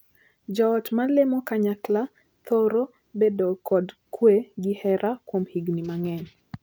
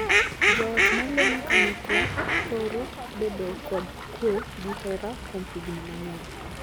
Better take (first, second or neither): first